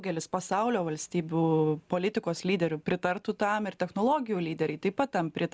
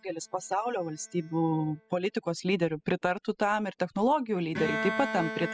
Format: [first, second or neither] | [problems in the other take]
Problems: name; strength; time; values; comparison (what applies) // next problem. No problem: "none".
first | noise reduction (classical method spectral subtraction)